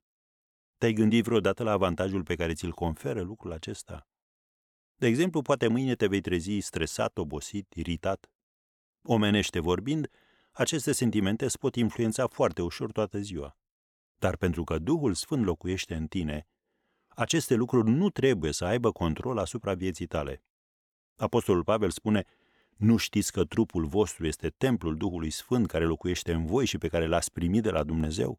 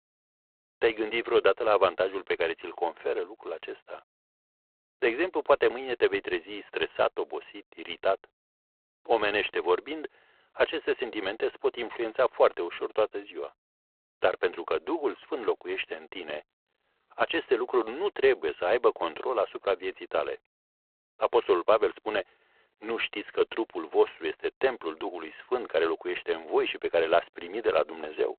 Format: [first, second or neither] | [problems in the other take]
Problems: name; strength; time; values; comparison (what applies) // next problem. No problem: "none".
first | phone-call audio; poor line